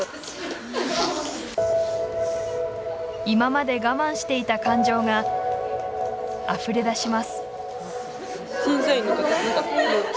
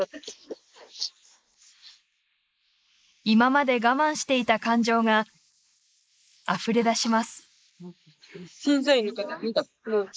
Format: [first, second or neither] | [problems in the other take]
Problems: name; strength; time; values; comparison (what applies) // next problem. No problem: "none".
first | noise reduction (neural mask model Resemble Enhance denoiser)